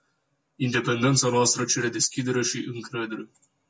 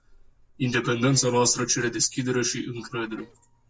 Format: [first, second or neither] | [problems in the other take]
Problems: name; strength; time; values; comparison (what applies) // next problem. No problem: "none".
first | noise reduction (neural separator model SepFormer DNS4)